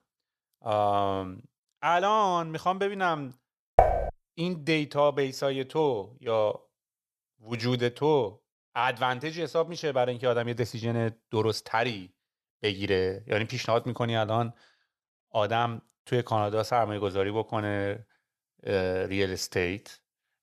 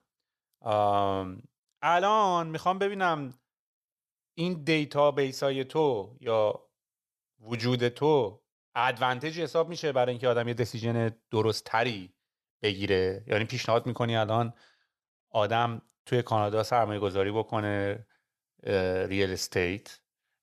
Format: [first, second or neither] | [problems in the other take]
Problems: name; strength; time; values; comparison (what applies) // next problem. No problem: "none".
second | clattering dishes; loud; at 4 s; peak 5 dB above the speech